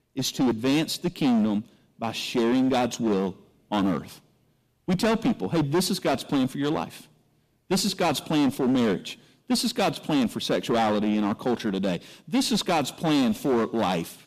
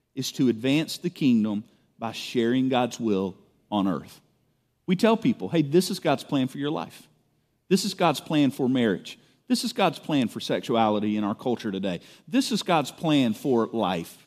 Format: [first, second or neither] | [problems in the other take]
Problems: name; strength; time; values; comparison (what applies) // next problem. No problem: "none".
second | distortion; heavy; 13% of the sound clipped